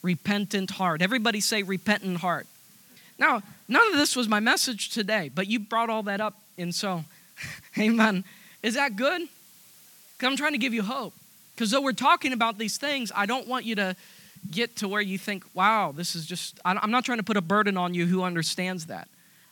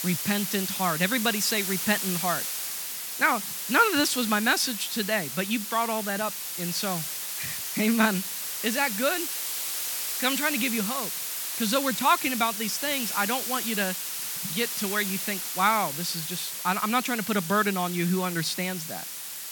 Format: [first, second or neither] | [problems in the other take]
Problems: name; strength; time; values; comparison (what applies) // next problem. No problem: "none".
first | hiss; loud; throughout; 3 dB below the speech; faint in the first